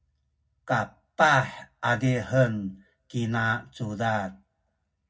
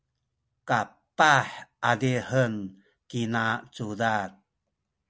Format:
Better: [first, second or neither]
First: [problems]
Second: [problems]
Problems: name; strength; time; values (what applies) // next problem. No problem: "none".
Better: second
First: room echo; dies away in 0.4 s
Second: none